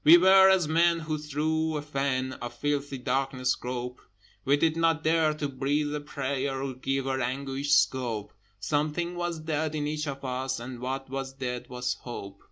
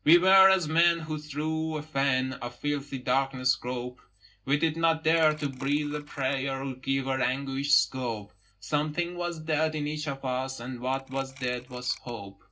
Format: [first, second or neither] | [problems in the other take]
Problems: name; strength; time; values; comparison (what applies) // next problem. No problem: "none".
first | noise reduction (neural separator model SepFormer DNS4)